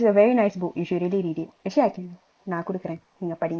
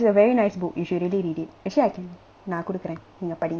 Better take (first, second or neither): second